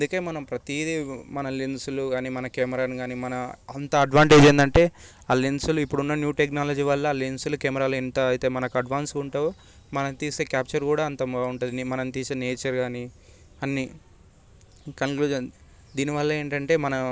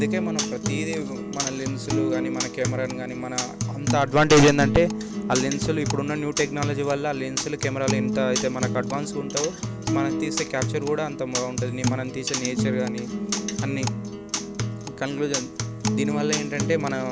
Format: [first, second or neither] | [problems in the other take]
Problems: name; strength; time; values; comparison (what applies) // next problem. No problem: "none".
first | background sound (Acoustic guitar); 2 dB below the speech